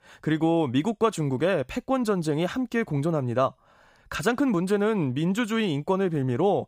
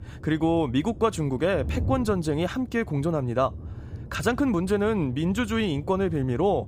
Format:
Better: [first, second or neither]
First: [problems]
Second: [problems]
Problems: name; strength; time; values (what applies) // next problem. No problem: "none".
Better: first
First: none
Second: wind noise on the microphone; occasional gusts; 20 dB below the speech